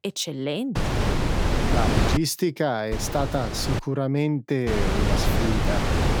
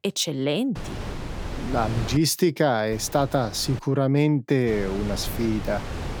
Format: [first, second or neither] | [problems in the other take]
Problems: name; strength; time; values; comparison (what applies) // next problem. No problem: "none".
second | wind noise on the microphone; heavy; from 1 to 2 s, at 3 s and from 4.5 s on; as loud as the speech; occasional gusts in the second